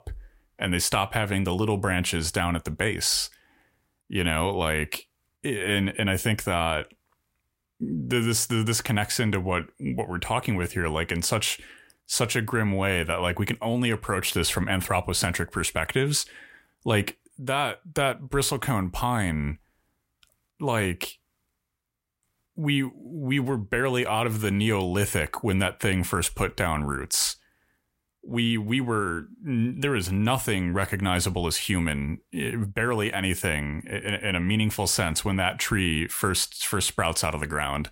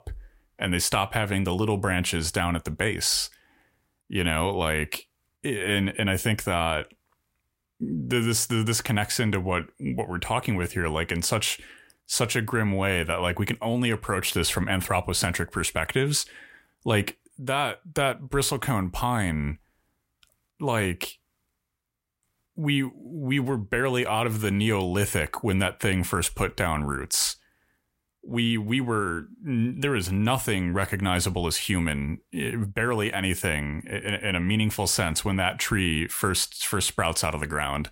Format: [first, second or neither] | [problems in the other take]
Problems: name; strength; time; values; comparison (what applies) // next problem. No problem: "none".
neither | none